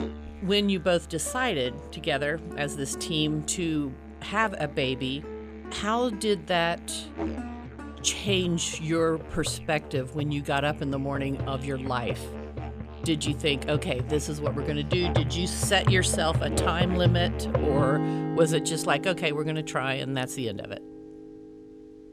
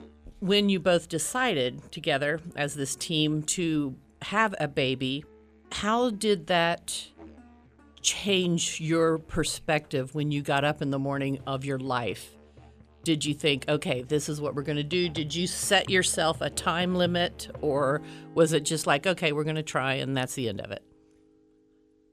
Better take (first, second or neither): second